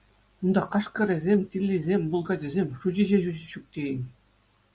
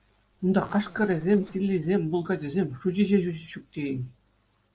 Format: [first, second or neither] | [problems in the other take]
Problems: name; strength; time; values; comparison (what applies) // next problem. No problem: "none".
first | noise reduction (neural separator model SepFormer DNS4)